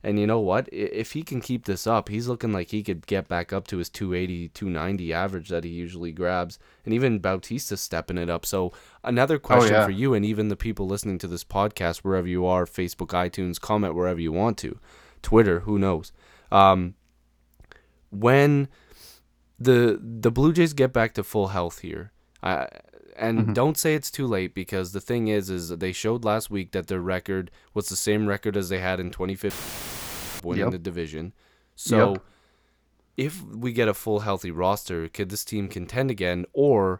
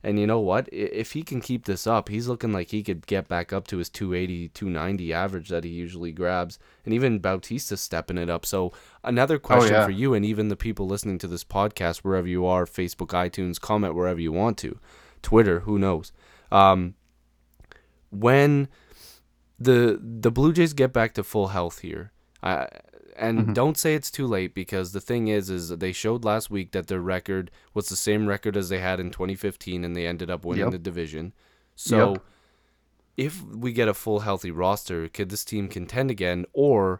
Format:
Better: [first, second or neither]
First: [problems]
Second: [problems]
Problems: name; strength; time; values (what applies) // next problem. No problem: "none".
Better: second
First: audio cutting out; filled with static; at 30 s for 1 s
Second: none